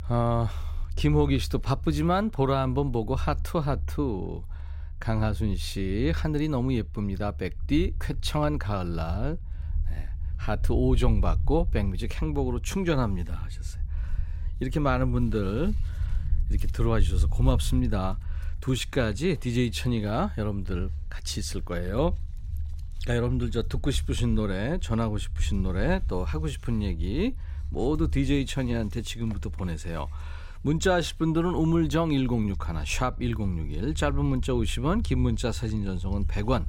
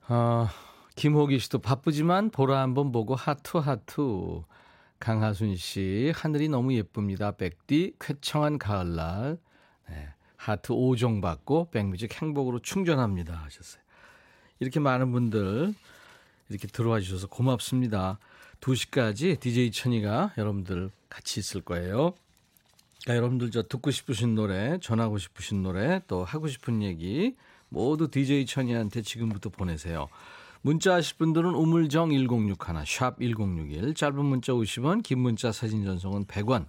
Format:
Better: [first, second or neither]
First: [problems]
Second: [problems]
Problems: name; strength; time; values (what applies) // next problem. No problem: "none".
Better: second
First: low rumble; faint; throughout; 20 dB below the speech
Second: none